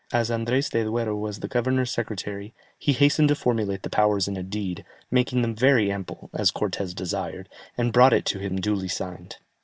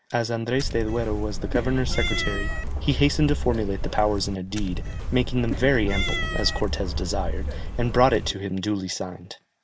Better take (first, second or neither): first